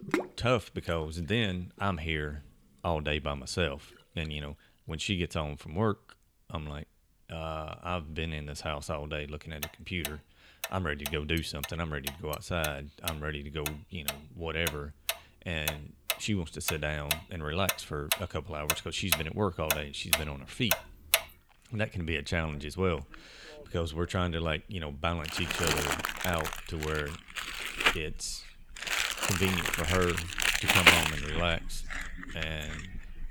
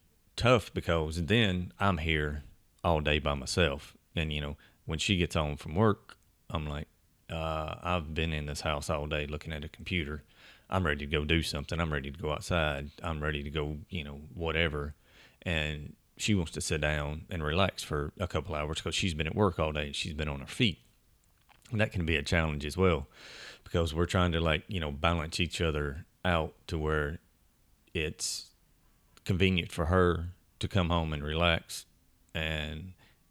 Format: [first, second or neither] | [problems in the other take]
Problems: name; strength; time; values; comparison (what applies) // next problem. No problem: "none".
second | household noises; very loud; throughout; 2 dB above the speech